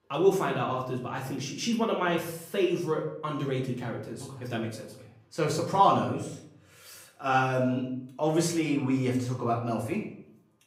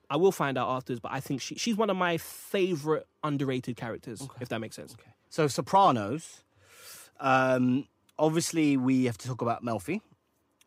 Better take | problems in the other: second | off-mic speech; far // room echo; slight; dies away in 0.5 s

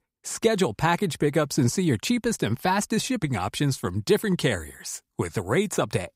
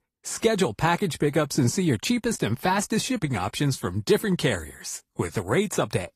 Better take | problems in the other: first | garbled, watery; slightly; nothing above 14.5 kHz

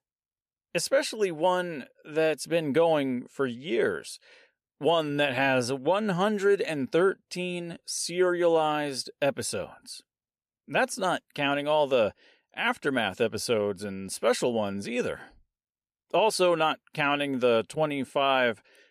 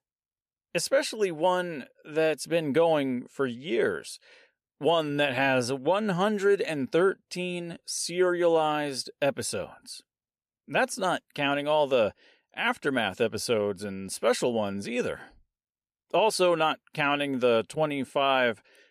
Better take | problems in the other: neither | none

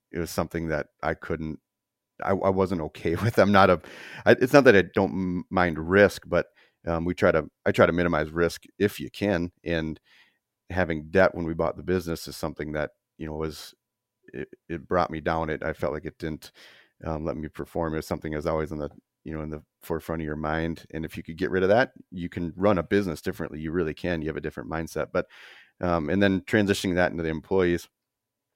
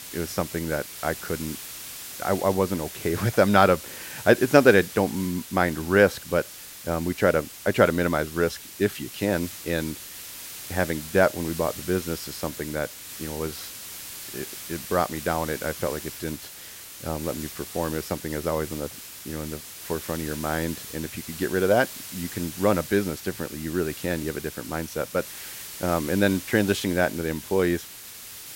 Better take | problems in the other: first | hiss; noticeable; throughout; 10 dB below the speech

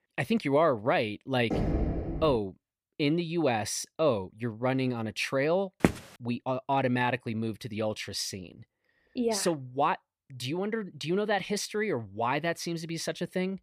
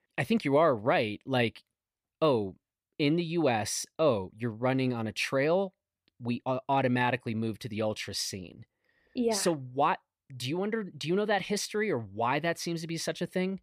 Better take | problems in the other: second | door banging; loud; at 1.5 s; peak level with the speech // footsteps; loud; at 6 s; peak 1 dB above the speech

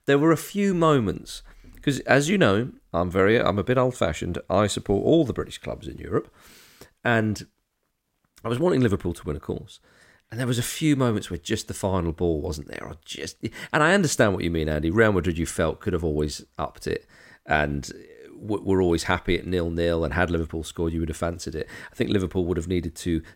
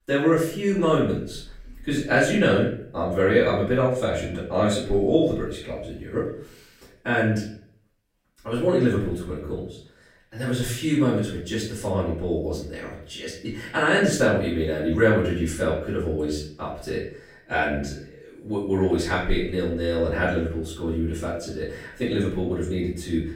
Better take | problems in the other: first | off-mic speech; far // room echo; noticeable; dies away in 0.5 s

